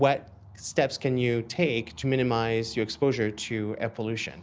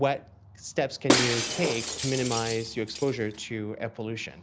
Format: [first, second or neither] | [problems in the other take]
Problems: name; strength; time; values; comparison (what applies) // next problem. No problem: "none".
first | background sound (Shatter); as loud as the speech